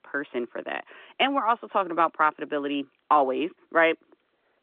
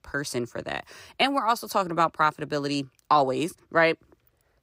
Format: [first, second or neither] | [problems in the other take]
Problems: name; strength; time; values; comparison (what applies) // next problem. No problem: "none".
second | phone-call audio; nothing above 3.5 kHz